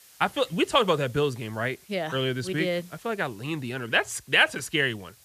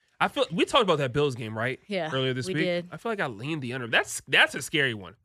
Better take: second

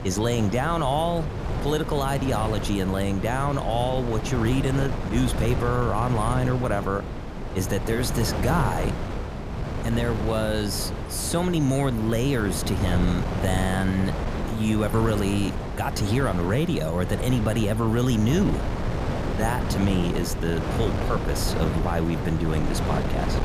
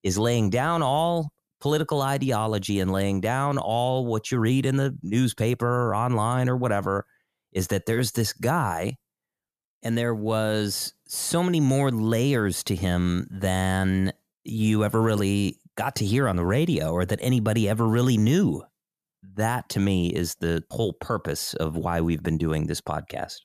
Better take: second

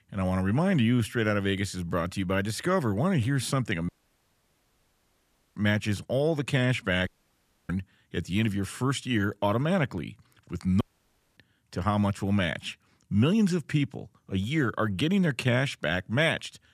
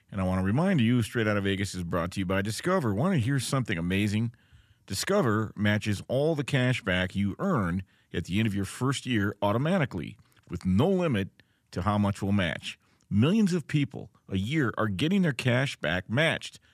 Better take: second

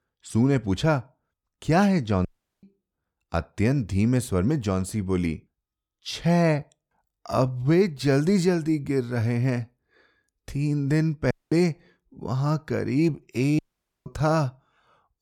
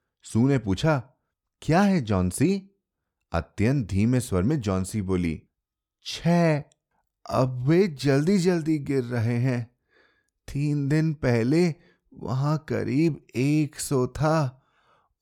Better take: second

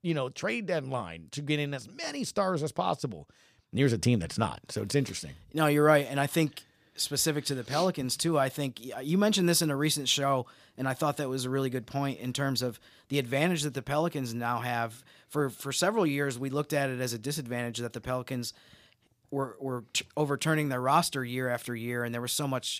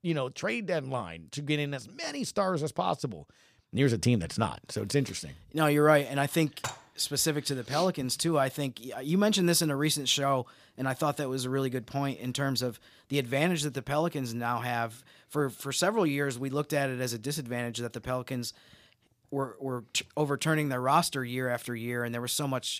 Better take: first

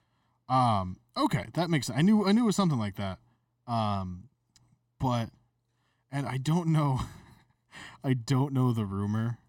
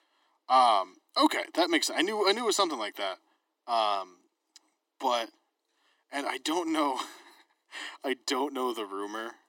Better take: first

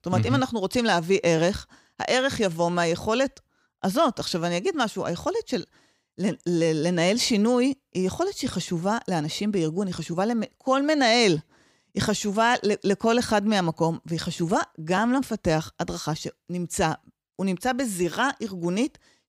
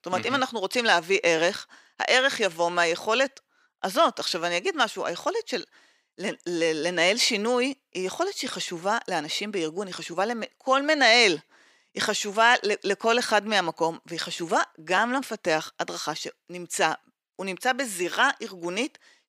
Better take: first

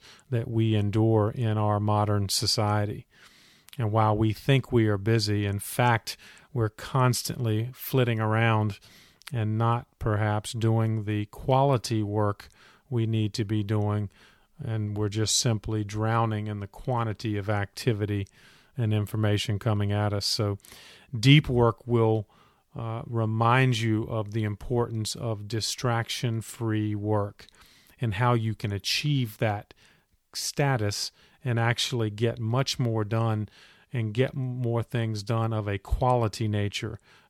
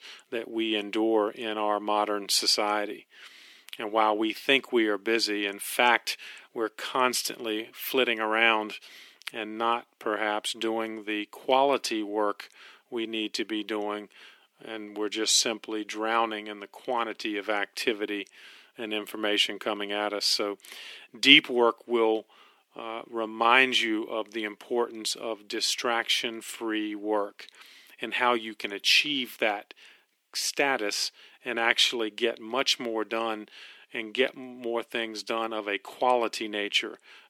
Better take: first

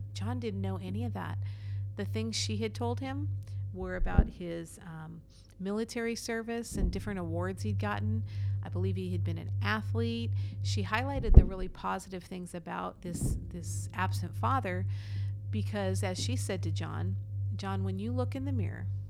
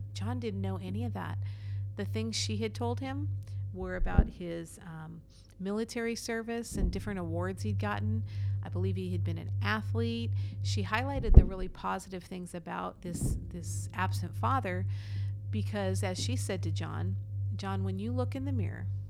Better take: neither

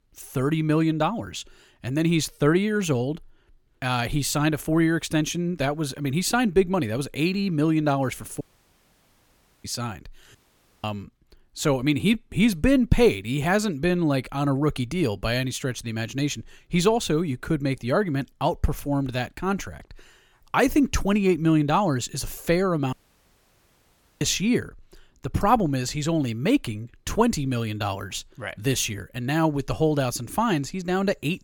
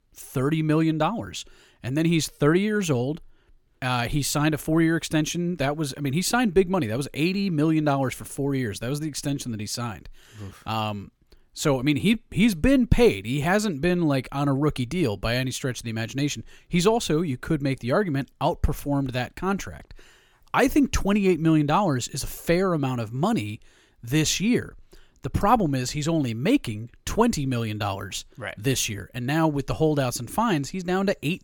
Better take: second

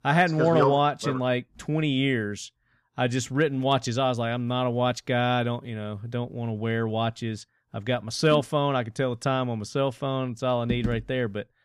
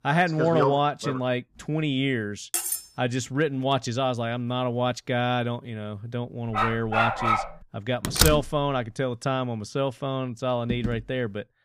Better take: first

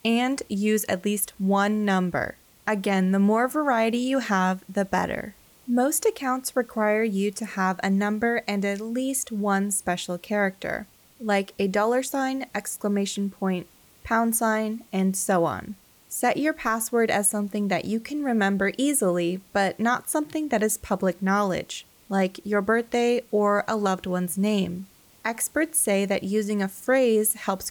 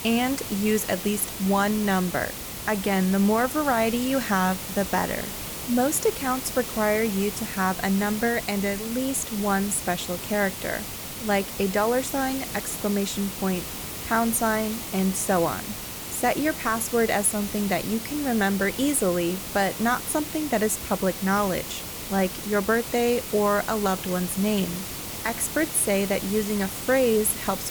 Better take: first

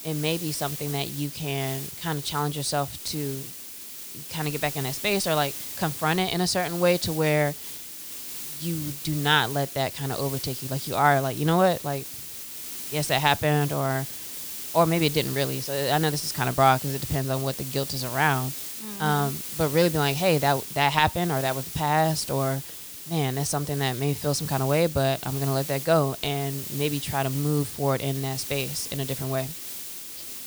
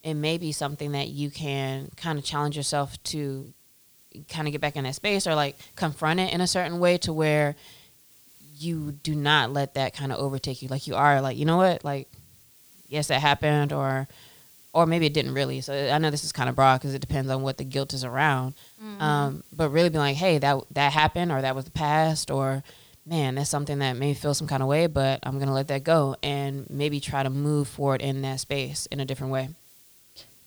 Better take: second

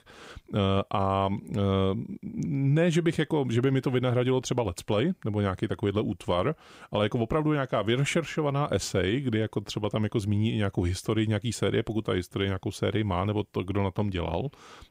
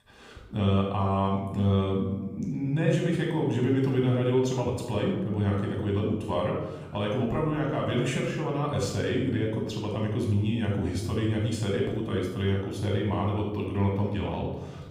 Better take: first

